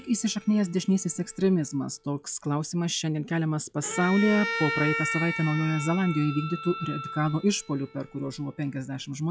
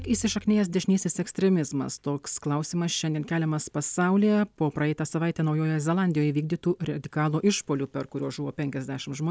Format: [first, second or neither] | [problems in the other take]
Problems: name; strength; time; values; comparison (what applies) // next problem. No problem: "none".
second | noise reduction (classical method log-MMSE)